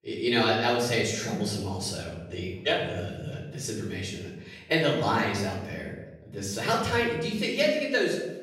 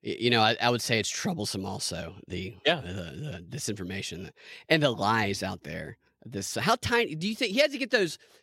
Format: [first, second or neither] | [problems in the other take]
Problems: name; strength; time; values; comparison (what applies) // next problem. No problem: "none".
second | off-mic speech; far // room echo; noticeable; dies away in 0.9 s